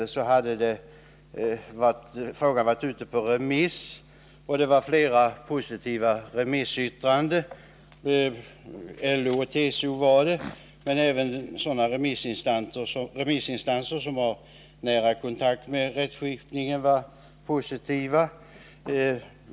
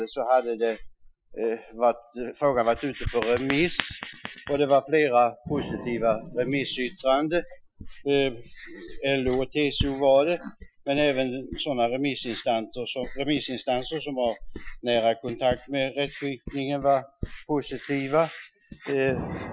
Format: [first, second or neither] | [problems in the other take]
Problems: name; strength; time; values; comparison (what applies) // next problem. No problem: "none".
first | noise reduction (classical method Wiener filter)